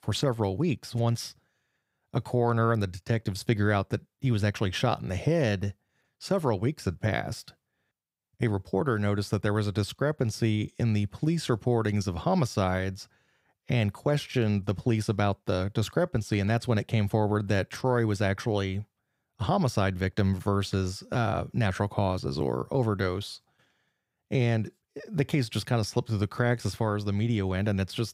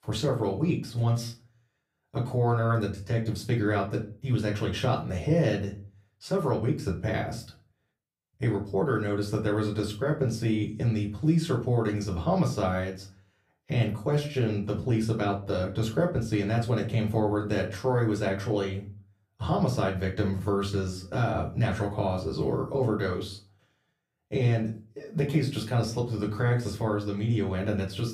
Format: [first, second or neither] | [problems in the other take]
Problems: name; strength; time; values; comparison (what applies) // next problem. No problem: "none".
first | off-mic speech; far // room echo; very slight; dies away in 0.3 s